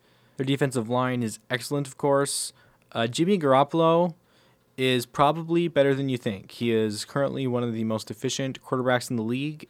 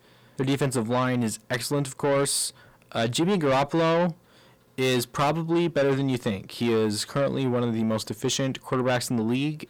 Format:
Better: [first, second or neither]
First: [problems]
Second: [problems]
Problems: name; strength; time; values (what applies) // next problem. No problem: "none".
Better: first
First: none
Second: distortion; heavy; 8 dB below the speech